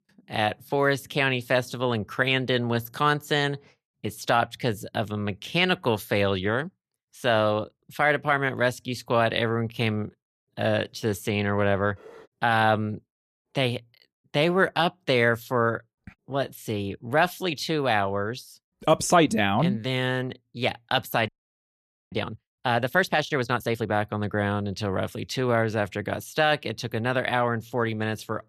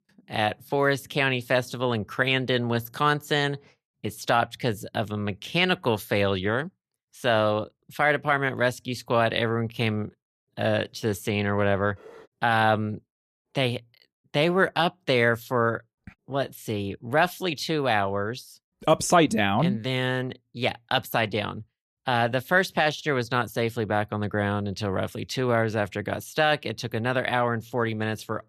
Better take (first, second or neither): second